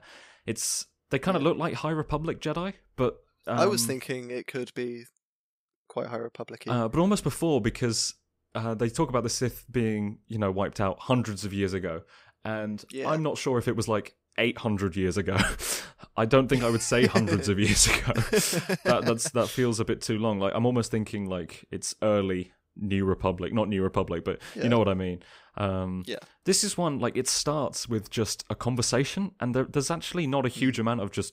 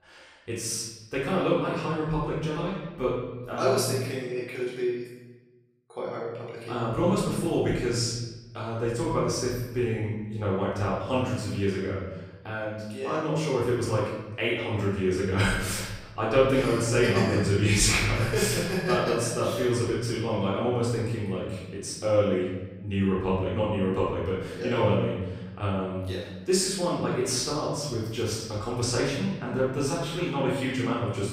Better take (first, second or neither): first